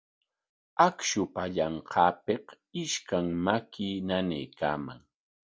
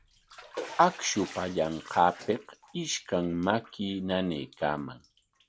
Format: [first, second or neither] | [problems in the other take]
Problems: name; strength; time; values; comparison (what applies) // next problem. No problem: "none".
first | background sound (Bathtub (filling or washing)); 18 dB below the speech